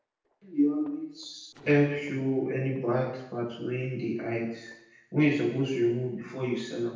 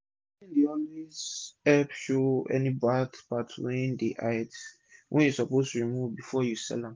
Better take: second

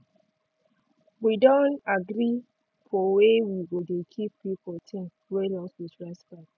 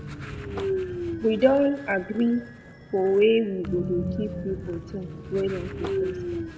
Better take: first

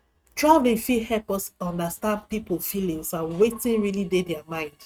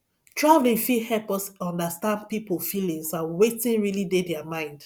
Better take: second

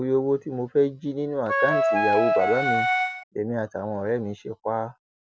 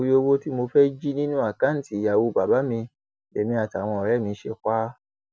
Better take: second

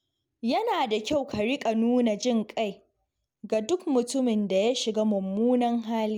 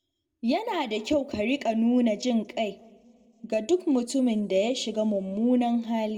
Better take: first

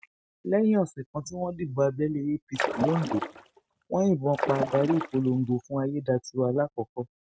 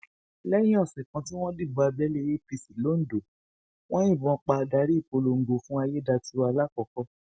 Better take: second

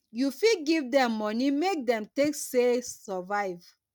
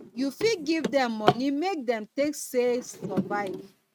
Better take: first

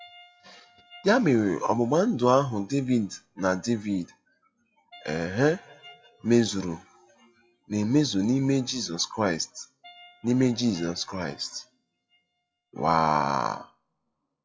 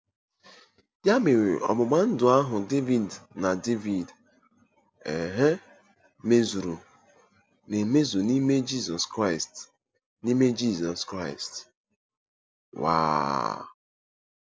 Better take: second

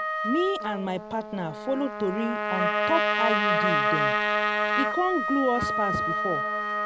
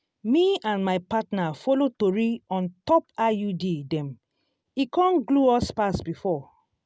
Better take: second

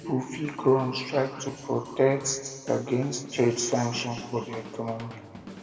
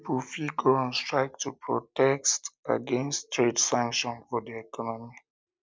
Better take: second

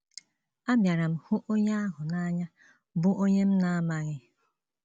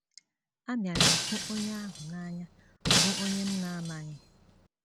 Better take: first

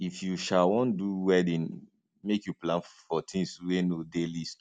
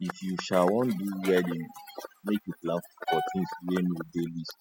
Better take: first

